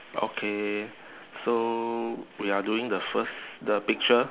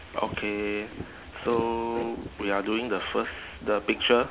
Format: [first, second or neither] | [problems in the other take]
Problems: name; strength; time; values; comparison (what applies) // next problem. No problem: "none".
first | background sound (Fireworks / Ocean + Burping, eructation); 13 dB below the speech